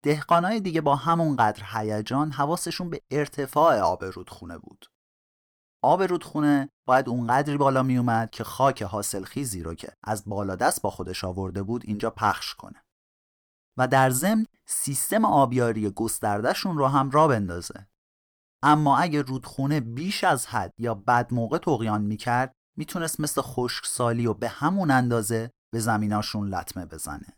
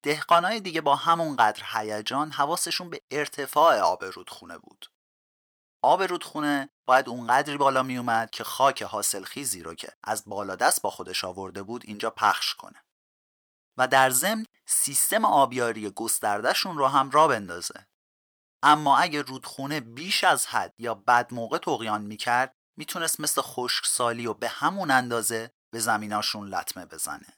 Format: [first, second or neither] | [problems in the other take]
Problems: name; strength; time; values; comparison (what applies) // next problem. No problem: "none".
first | thin; somewhat; fading below 950 Hz